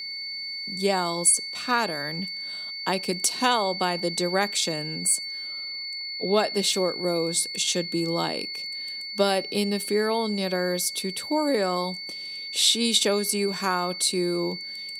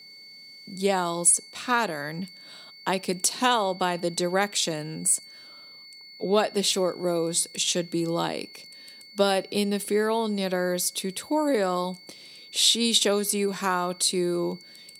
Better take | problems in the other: second | high-pitched whine; loud; throughout; 4.5 kHz, 7 dB below the speech; faint in the second

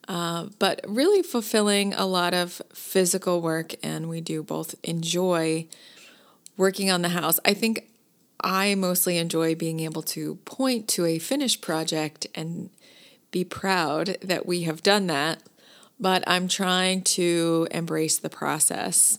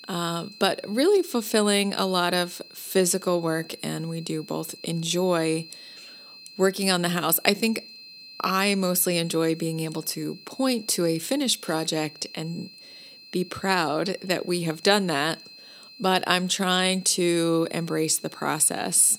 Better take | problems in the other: first | high-pitched whine; noticeable; throughout; 4 kHz, 20 dB below the speech

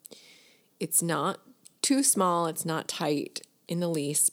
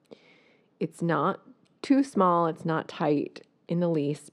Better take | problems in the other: first | muffled; very; fading above 2 kHz

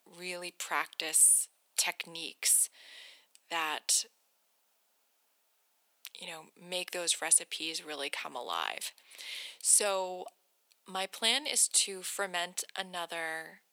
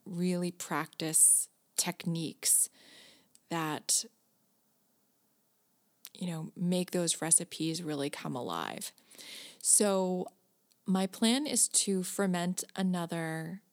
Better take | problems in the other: second | thin; very; fading below 700 Hz

